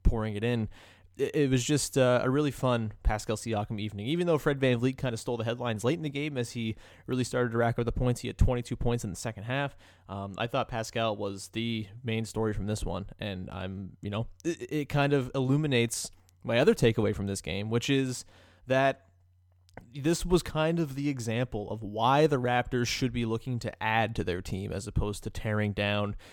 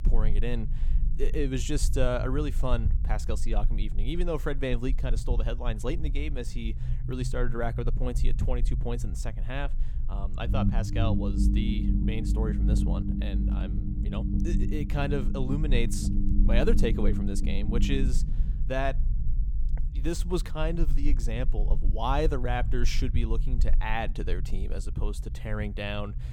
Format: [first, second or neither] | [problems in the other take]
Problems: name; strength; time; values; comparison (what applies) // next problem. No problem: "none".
first | low rumble; loud; throughout; 9 dB below the speech